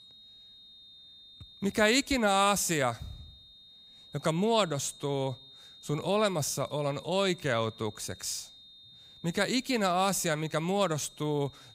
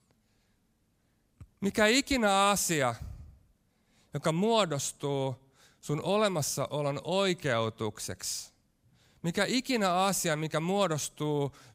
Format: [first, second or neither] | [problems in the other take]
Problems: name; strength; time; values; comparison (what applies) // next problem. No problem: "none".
second | high-pitched whine; faint; throughout; 3.5 kHz, 20 dB below the speech